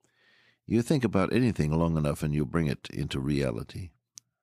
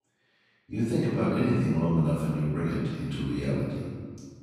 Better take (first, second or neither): first